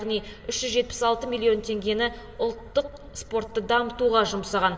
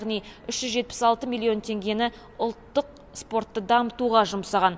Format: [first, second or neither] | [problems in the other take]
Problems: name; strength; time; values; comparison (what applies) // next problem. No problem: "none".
second | room echo; dies away in 2.1 s